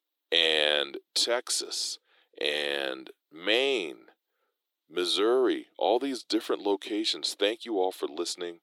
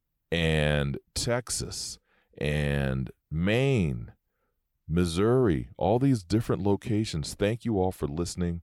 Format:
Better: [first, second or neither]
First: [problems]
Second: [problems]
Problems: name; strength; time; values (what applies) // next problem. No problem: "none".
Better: second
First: thin; very; fading below 300 Hz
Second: none